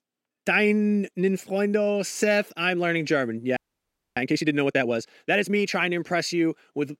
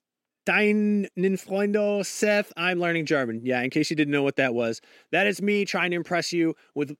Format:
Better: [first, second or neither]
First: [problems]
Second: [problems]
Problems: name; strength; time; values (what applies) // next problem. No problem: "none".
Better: second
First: audio freezing; at 3.5 s for 0.5 s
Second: none